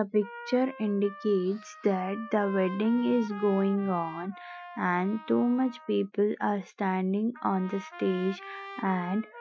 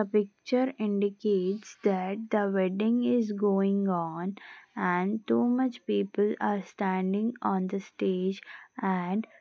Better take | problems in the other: second | noise reduction (classical method Wiener filter)

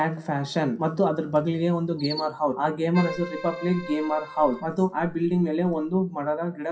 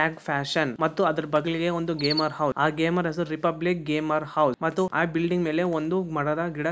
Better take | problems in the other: second | noise reduction (classical method WPE with log-MMSE)

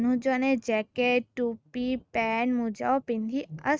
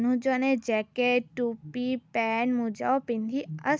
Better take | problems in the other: second | noise reduction (neural mask model RNNoise)

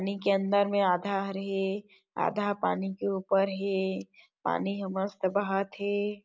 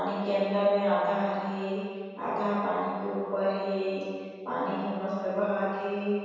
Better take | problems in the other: first | room echo; dies away in 1.9 s

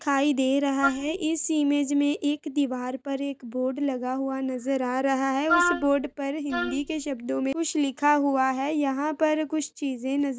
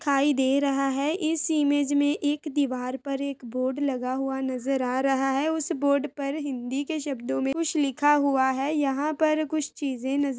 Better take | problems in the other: second | noise reduction (neural mask model DeepFilterNet 3)

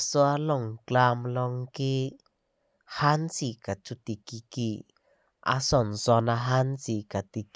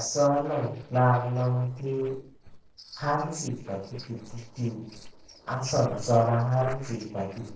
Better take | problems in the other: first | noise reduction (neural separator model SepFormer DNS4)

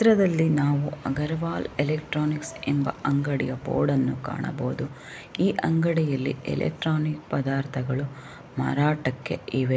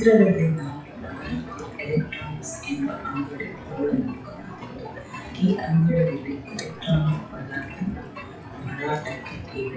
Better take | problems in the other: first | noise reduction (classical method WPE with log-MMSE)

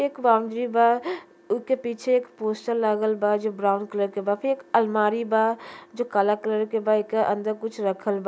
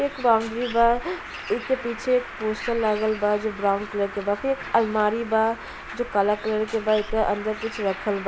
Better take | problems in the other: first | background sound (Bird); 12 dB below the speech

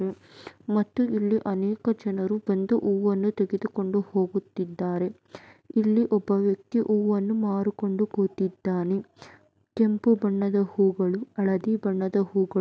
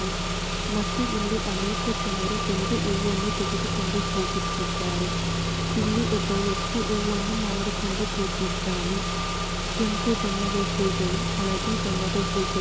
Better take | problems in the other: first | background sound (Engine / Car); 3 dB above the speech

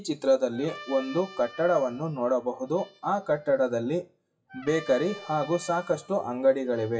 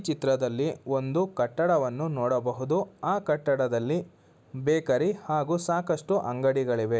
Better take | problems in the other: second | noise reduction (classical method WPE with log-MMSE)

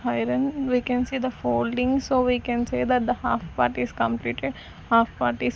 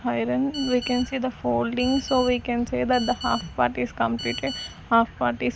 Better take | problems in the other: first | background sound (Telephone); 14 dB below the speech

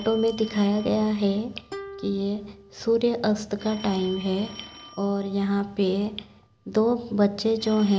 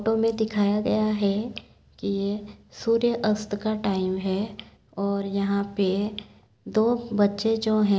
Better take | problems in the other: second | background sound (Plucked string instrument + Telephone); 19 dB below the speech

